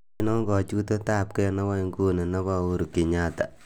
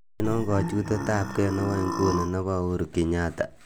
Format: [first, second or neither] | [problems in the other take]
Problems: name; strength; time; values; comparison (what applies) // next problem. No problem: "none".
first | background sound (Burping, eructation); 5 dB below the speech